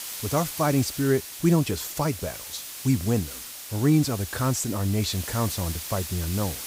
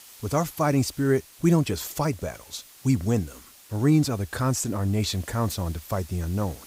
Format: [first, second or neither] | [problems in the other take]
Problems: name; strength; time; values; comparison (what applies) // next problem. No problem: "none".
second | hiss; loud; throughout; 9 dB below the speech; faint in the second